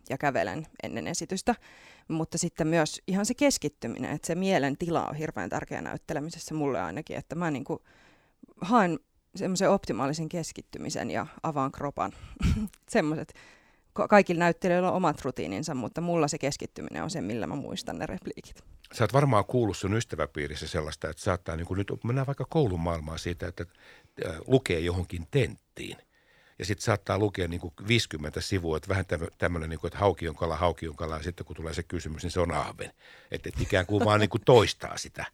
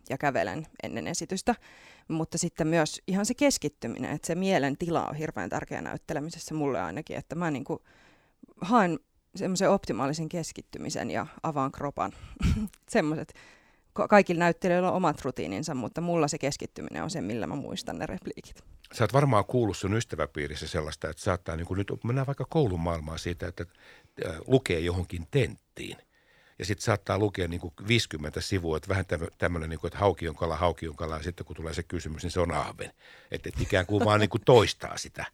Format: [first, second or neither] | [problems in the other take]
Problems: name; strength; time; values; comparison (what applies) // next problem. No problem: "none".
neither | none